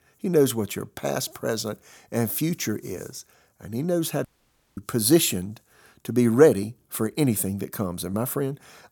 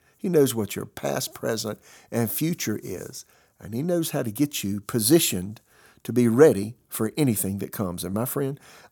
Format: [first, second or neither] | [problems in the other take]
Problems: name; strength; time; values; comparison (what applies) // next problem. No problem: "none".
second | audio cutting out; at 4.5 s for 0.5 s